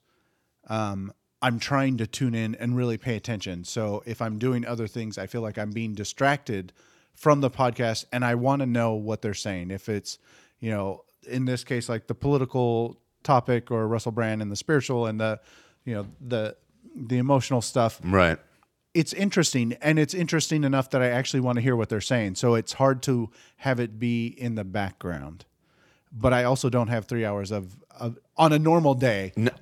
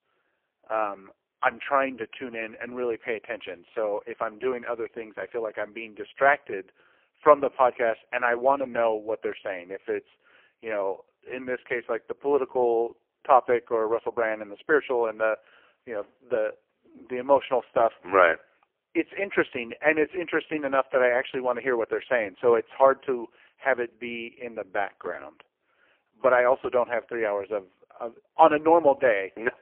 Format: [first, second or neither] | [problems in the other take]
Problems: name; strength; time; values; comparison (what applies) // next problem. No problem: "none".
first | phone-call audio; poor line; nothing above 3 kHz